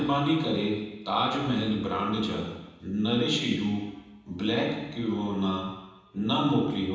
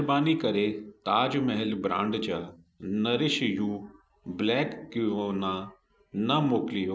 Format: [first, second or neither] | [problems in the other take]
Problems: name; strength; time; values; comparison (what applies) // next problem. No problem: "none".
second | room echo; dies away in 1.1 s